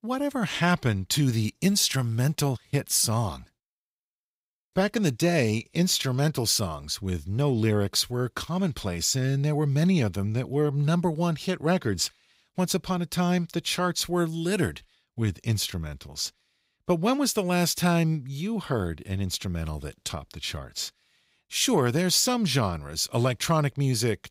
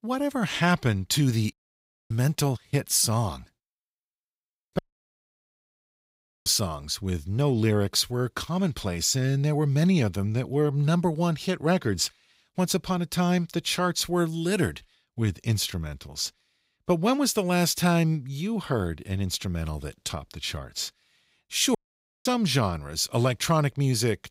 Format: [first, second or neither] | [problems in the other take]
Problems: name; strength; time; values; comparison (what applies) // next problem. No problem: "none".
first | audio cutting out; at 1.5 s for 0.5 s, at 5 s for 1.5 s and at 22 s for 0.5 s